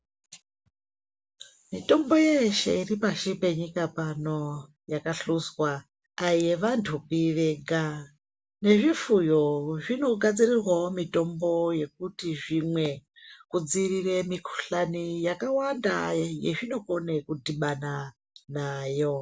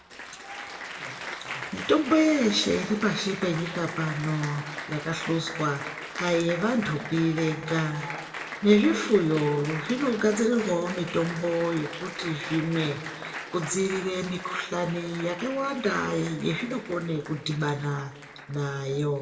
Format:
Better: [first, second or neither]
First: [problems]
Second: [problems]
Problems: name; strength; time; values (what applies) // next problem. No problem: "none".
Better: first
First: none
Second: background sound (Applause); 11 dB below the speech // room echo; dies away in 1.3 s